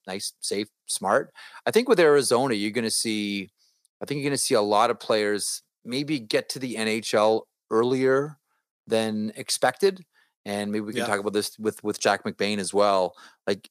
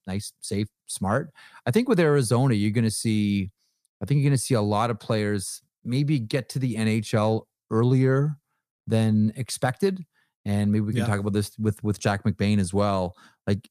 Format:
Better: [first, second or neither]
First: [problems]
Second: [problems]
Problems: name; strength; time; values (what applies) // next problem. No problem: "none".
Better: second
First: thin; somewhat; fading below 400 Hz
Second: none